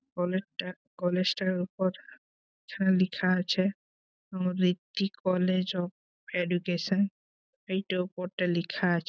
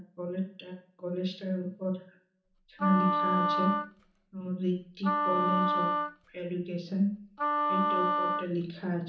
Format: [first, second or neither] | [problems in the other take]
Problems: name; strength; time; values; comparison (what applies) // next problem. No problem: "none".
first | background sound (Wind instrument, woodwind instrument); 2 dB above the speech // room echo; dies away in 1.2 s